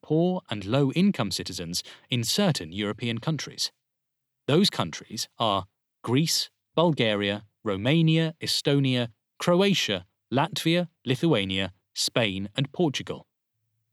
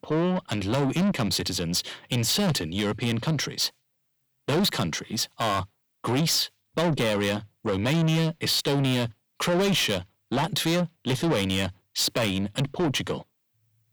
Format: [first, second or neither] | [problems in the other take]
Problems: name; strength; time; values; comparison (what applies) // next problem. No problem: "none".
first | distortion; heavy; 6 dB below the speech